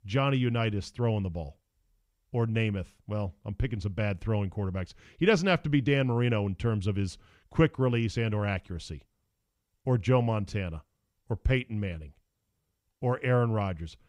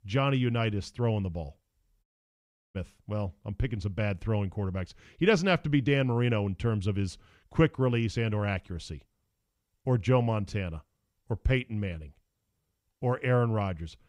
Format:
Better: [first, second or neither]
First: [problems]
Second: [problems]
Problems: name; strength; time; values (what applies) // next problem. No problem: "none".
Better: first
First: none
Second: audio cutting out; at 2 s for 0.5 s